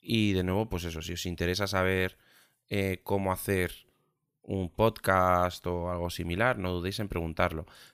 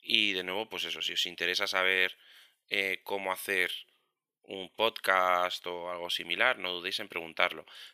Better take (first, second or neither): first